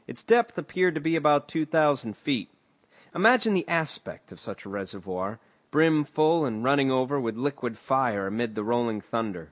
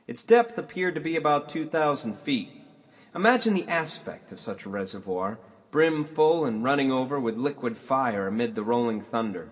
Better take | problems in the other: first | room echo; dies away in 2.1 s

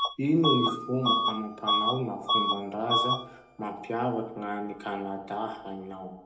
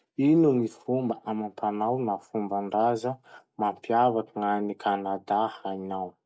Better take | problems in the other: second | background sound (Bus / Alarm); as loud as the speech // room echo; dies away in 0.8 s

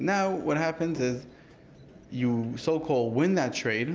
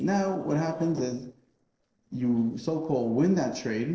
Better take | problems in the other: first | noise reduction (neural separator model SepFormer DNS4)

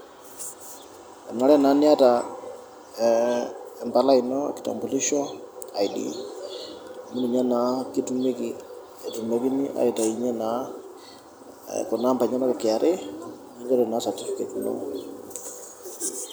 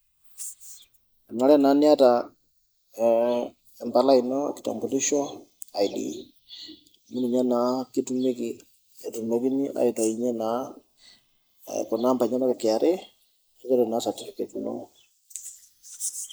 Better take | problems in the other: first | noise reduction (neural mask model Resemble Enhance denoiser)

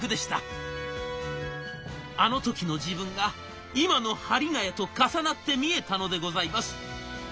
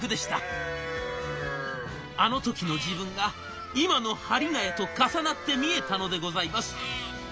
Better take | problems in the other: first | background sound (Livestock, farm animals, working animals); 9 dB below the speech

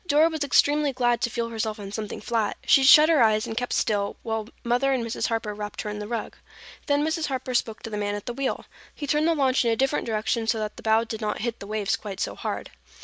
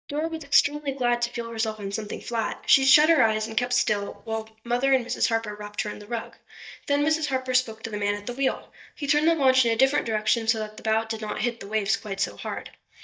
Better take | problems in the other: first | noise reduction (neural mask model DeepFilterNet 3)

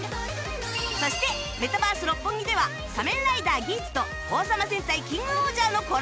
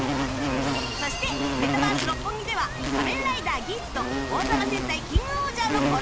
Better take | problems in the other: first | background sound (Insect); 1 dB above the speech

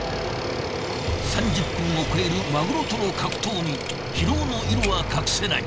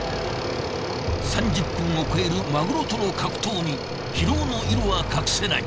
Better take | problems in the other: second | background sound (Camera + Sawing); 13 dB below the speech

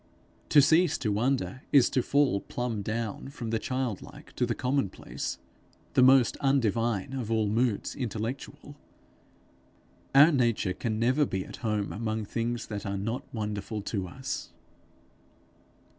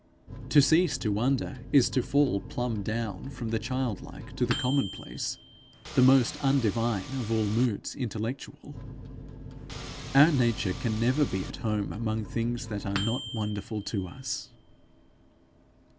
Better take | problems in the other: first | background sound (Engine / Car + Microwave oven); 12 dB below the speech

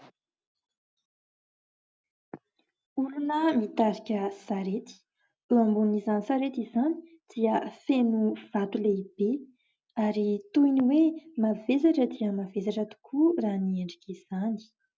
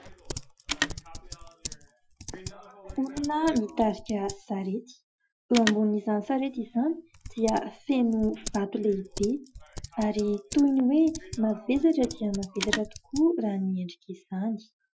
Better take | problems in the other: first | noise reduction (classical method Wiener filter)

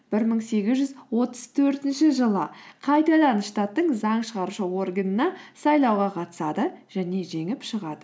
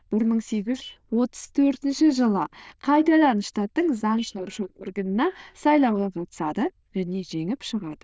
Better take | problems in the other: first | noise reduction (neural diffusion model UNIVERSE++)

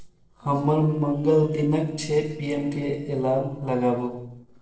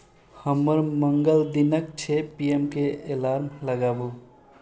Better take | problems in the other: second | noise reduction (neural separator model SepFormer DNS4)

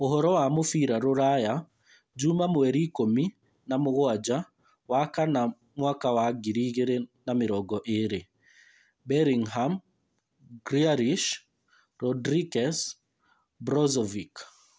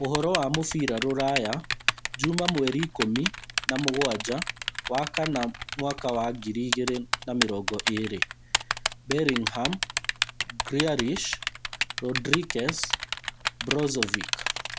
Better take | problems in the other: first | background sound (Typing); 2 dB below the speech

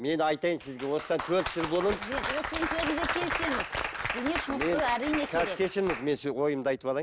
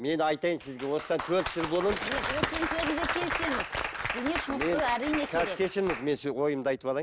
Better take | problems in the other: first | background sound (Bicycle); 10 dB below the speech

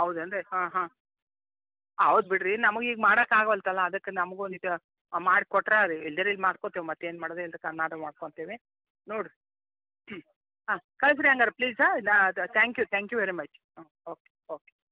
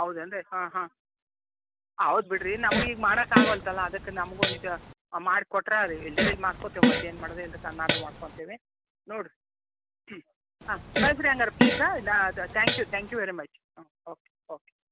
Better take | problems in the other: first | background sound (Fart); 2 dB above the speech

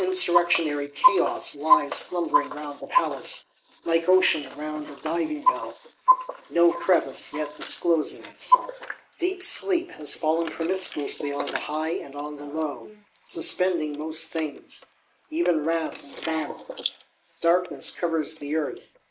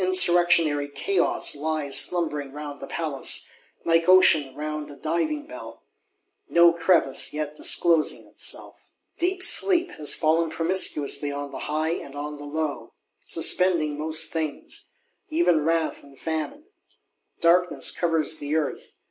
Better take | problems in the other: second | noise reduction (neural mask model Resemble Enhance denoiser)

